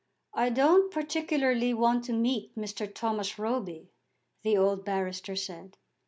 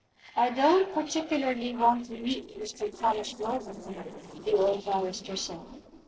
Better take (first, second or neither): first